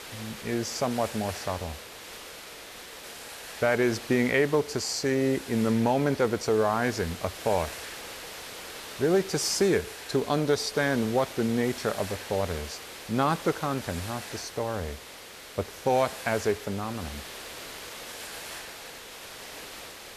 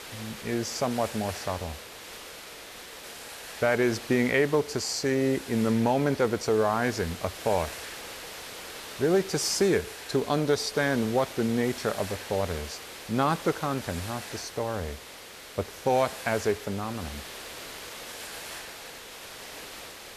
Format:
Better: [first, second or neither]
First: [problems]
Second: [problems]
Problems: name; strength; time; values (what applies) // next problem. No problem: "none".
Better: neither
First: hiss; noticeable; throughout; 10 dB below the speech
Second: hiss; noticeable; throughout; 10 dB below the speech